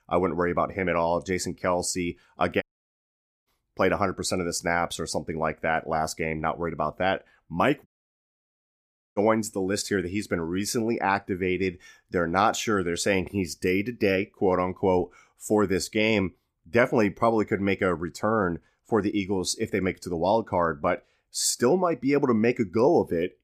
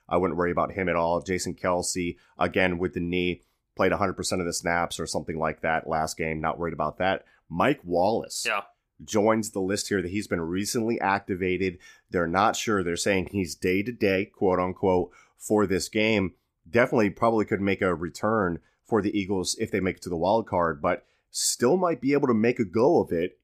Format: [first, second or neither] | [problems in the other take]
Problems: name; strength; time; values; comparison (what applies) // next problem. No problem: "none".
second | audio cutting out; at 2.5 s for 1 s and at 8 s for 1.5 s